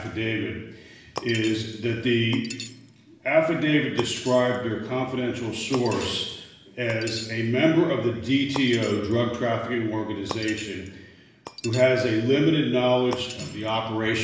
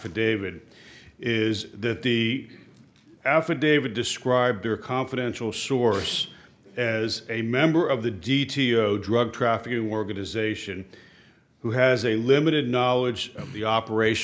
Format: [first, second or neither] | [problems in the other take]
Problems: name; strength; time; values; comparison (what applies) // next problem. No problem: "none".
second | background sound (Shatter); 17 dB below the speech // room echo; dies away in 0.9 s